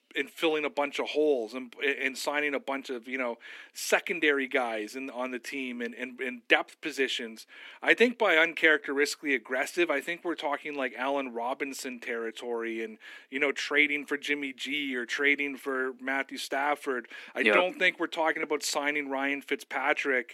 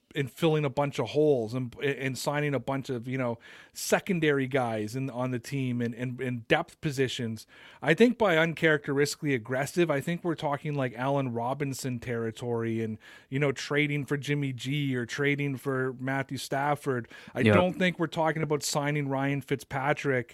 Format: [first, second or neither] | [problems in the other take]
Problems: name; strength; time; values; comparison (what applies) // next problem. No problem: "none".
second | thin; somewhat; fading below 250 Hz